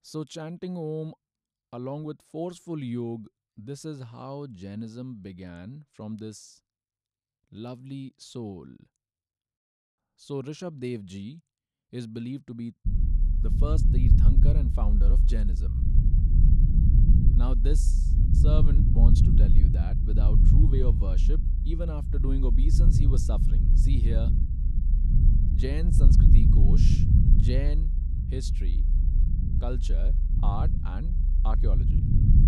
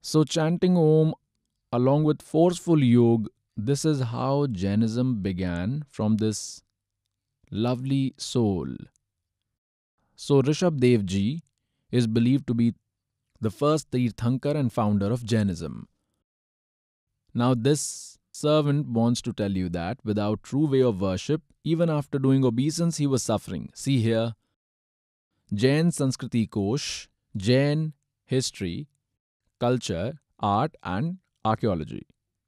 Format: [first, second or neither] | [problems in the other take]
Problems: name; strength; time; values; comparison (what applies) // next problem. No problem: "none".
second | low rumble; loud; from 13 s on; 1 dB below the speech